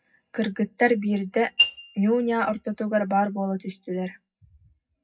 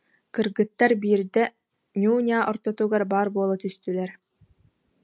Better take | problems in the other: second | noise reduction (classical method WPE with log-MMSE)

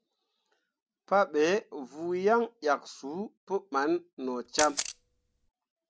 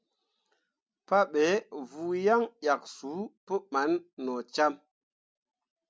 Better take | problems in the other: second | background sound (Camera); 6 dB below the speech

